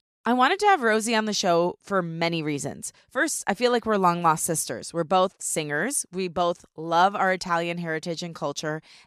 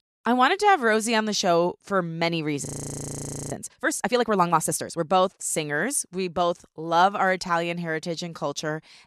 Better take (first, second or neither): first